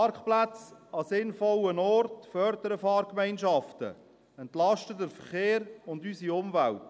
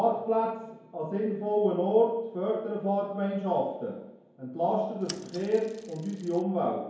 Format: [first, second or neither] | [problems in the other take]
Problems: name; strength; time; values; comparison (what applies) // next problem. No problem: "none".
first | background sound (Mechanisms / Bicycle); 18 dB below the speech // room echo; dies away in 0.9 s